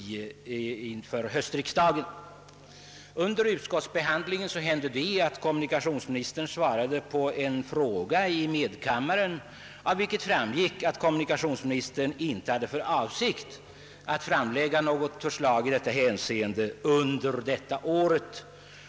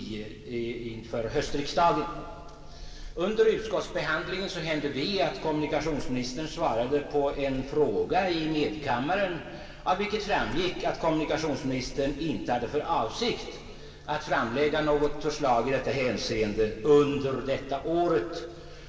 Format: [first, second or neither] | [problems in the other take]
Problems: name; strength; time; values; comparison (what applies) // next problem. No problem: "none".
first | background sound (Purr); 14 dB below the speech // room echo; dies away in 2.4 s